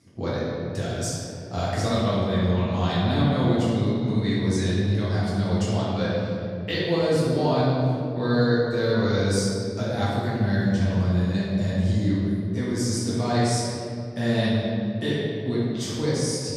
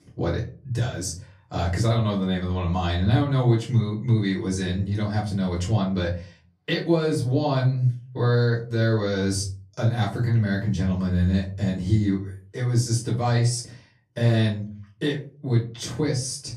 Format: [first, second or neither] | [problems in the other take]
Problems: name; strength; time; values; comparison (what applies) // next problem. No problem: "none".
second | room echo; strong; dies away in 2.6 s; slight in the second // off-mic speech; far; far in the second